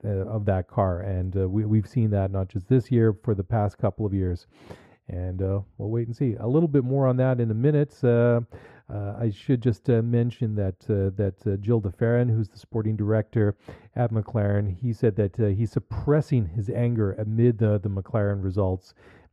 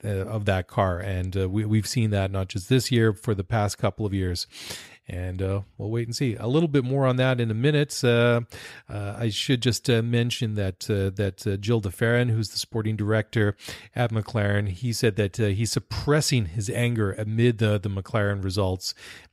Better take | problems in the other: second | muffled; very; fading above 2 kHz

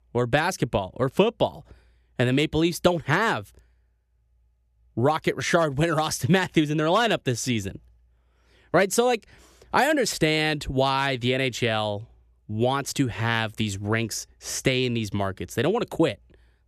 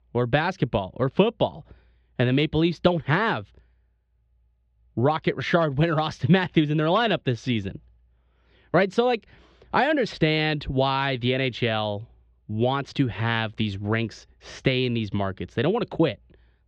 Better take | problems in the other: first | muffled; slightly; fading above 4 kHz

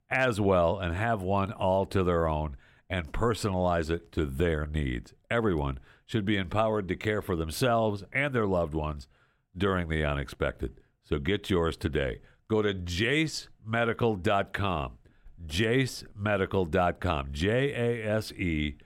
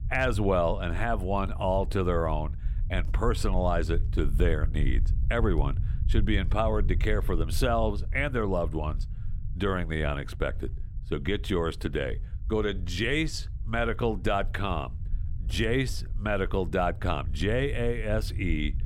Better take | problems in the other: first | low rumble; faint; throughout; 20 dB below the speech

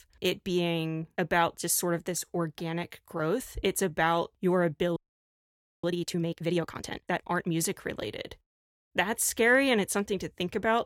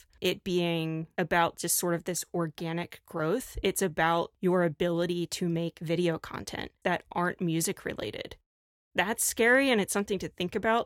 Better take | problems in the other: second | audio freezing; at 5 s for 1 s

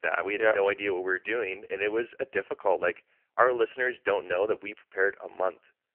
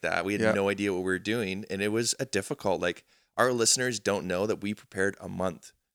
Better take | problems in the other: second | phone-call audio; poor line; nothing above 3 kHz

